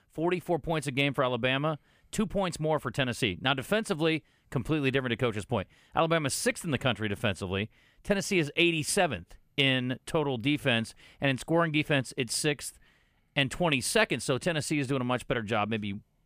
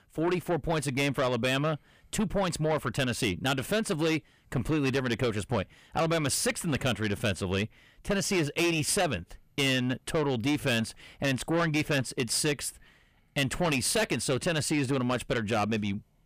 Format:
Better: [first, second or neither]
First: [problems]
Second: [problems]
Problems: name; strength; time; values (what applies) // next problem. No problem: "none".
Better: first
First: none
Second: distortion; heavy; 7 dB below the speech